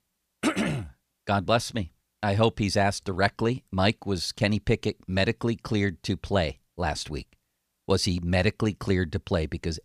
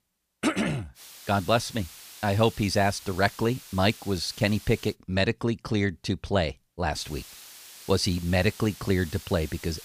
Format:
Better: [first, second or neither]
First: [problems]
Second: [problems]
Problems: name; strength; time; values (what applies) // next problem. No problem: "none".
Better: first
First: none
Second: hiss; noticeable; from 1 to 5 s and from 7 s on; 15 dB below the speech